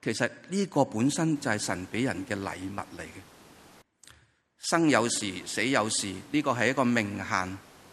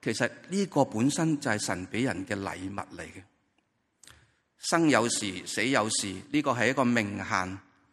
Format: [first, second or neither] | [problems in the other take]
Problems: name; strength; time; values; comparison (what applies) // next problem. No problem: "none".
second | hiss; faint; from 1.5 to 4 s and from 5.5 s on; 25 dB below the speech